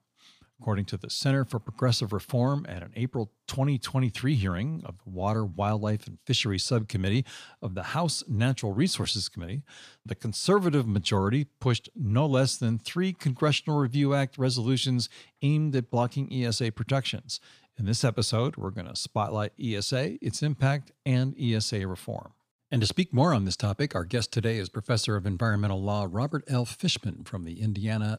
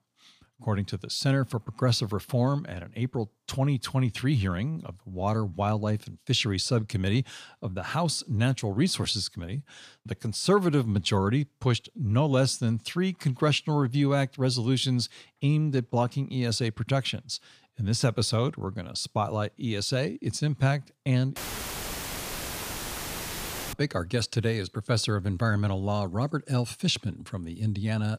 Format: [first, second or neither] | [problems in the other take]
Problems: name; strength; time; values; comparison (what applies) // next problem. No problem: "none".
first | audio cutting out; filled with static; at 21 s for 2.5 s